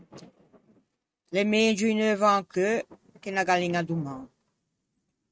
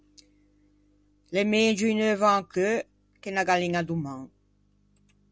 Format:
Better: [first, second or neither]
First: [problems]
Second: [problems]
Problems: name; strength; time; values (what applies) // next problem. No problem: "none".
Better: second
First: noise reduction (neural mask model RNNoise)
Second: none